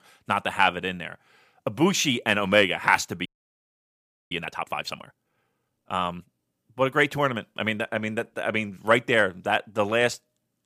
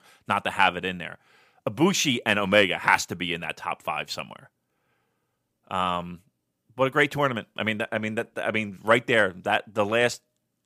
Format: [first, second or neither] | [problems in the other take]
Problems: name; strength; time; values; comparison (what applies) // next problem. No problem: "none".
second | audio freezing; at 3.5 s for 1 s